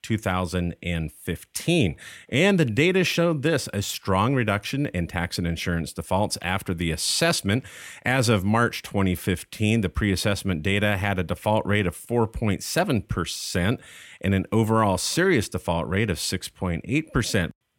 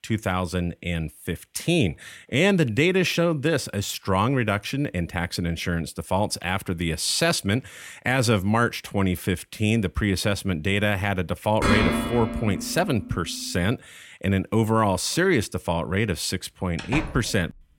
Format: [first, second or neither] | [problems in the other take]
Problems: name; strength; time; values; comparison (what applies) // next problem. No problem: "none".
first | clattering dishes; loud; from 12 to 13 s; peak 3 dB above the speech // door banging; noticeable; at 17 s; peak 7 dB below the speech